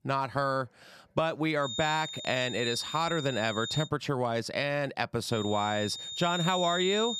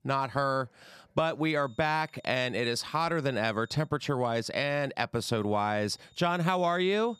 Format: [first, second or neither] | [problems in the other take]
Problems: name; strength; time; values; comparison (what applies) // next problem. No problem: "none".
second | high-pitched whine; loud; from 1.5 to 4 s and from 5.5 s on; 3.5 kHz, 6 dB below the speech; faint in the second